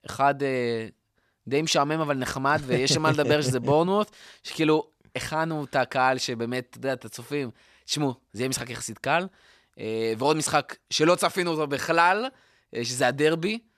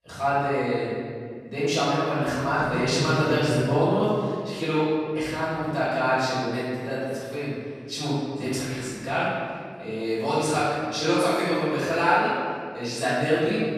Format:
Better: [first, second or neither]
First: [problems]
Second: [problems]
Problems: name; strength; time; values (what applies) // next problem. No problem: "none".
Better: first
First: none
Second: off-mic speech; far // room echo; strong; dies away in 2 s